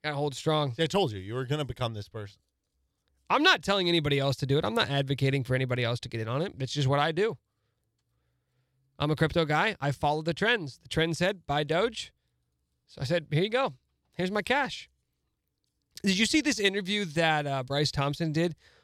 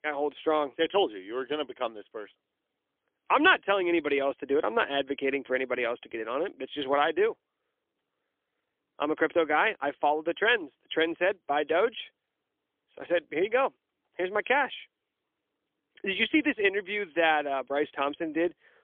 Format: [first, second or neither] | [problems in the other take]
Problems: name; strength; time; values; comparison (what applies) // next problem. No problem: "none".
first | phone-call audio; poor line; nothing above 3.5 kHz